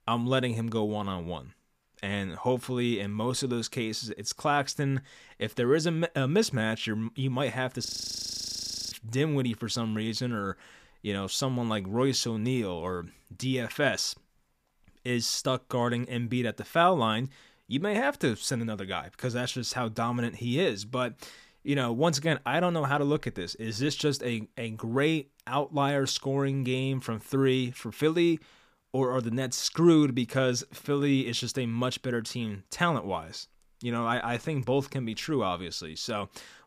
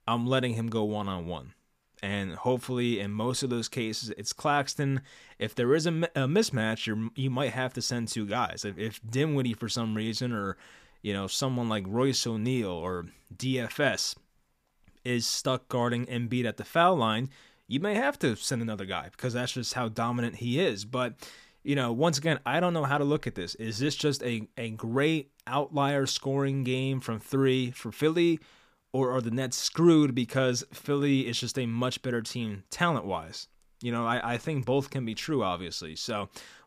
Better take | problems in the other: second | audio freezing; at 8 s for 1 s

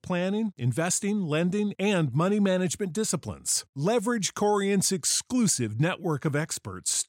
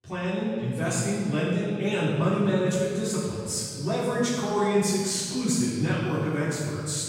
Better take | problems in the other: first | room echo; strong; dies away in 2.1 s // off-mic speech; far

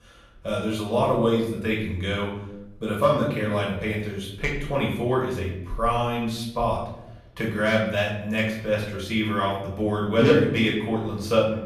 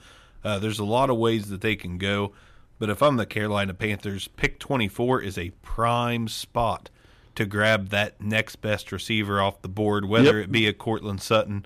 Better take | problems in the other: second | off-mic speech; far // room echo; noticeable; dies away in 0.8 s

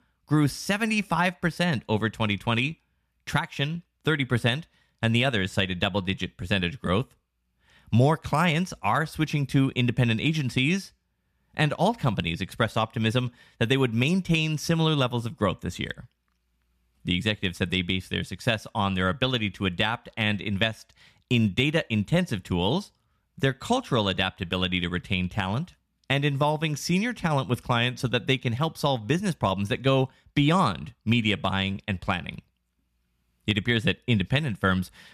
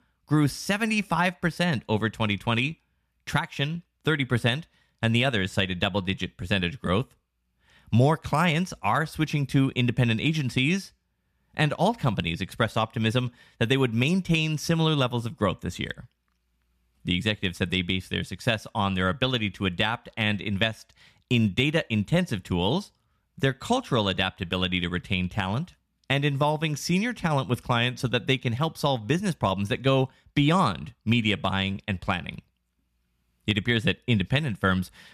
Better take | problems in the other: neither | none

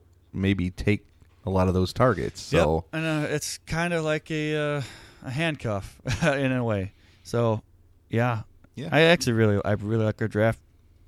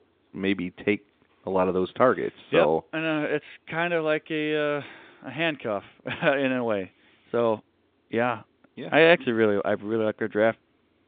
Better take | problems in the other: first | phone-call audio; nothing above 3.5 kHz

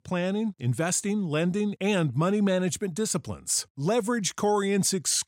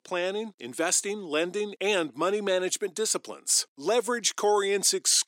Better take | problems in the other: first | thin; somewhat; fading below 300 Hz

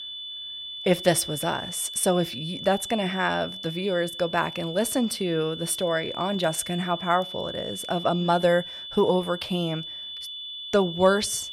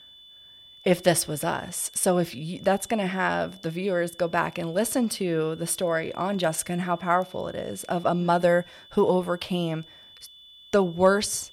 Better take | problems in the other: second | high-pitched whine; loud; throughout; 3.5 kHz, 9 dB below the speech; faint in the second

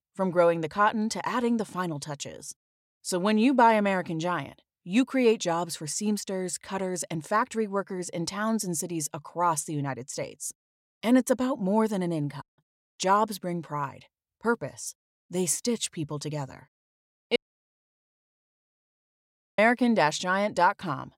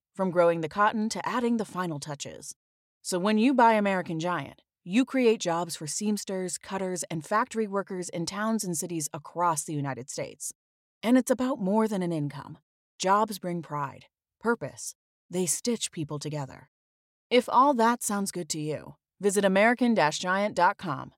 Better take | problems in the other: second | audio cutting out; at 12 s and at 17 s for 2 s

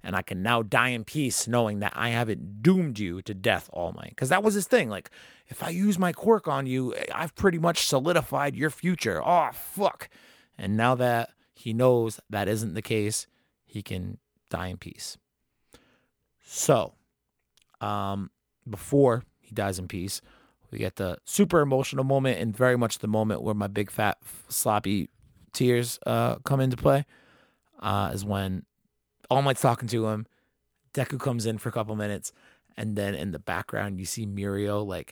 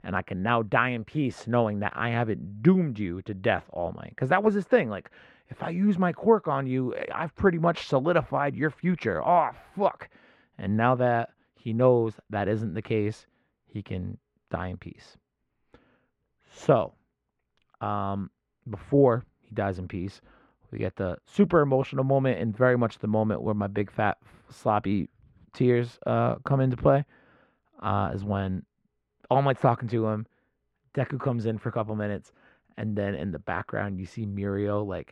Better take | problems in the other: first | muffled; very; fading above 2 kHz

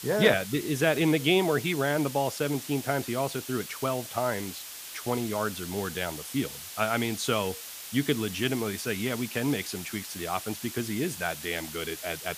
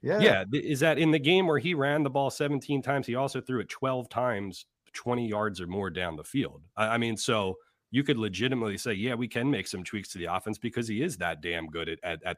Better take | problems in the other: second | hiss; loud; throughout; 9 dB below the speech

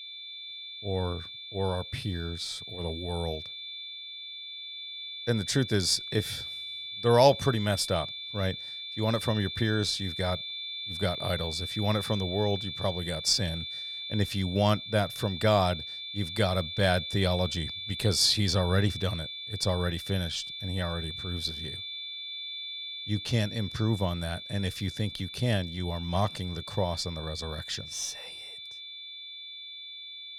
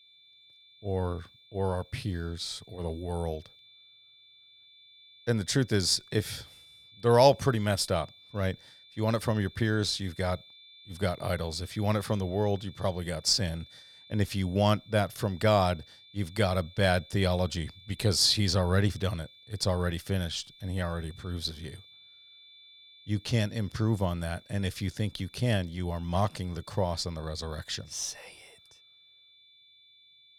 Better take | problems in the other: second | high-pitched whine; loud; throughout; 3.5 kHz, 7 dB below the speech; faint in the second

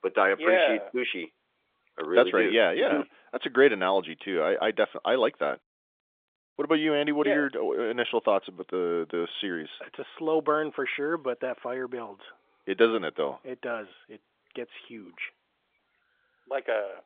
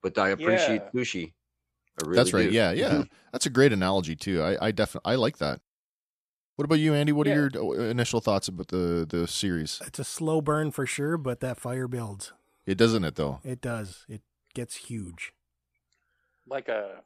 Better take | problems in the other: second | phone-call audio; nothing above 3.5 kHz

